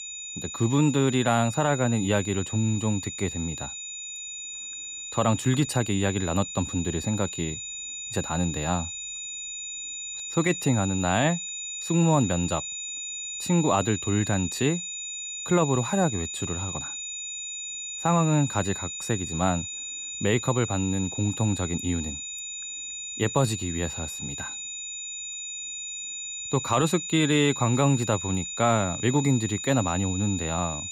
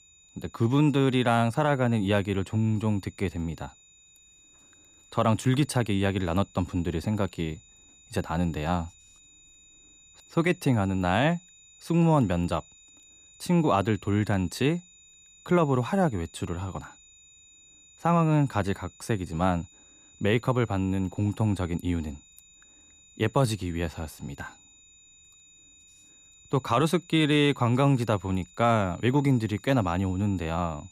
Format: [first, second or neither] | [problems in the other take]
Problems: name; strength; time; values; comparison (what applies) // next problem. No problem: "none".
second | high-pitched whine; loud; throughout; 7 kHz, 7 dB below the speech; faint in the second